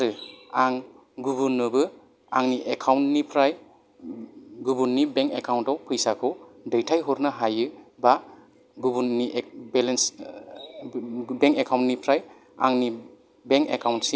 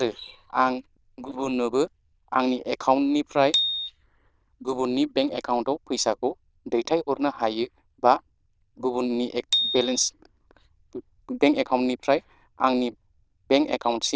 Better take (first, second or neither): first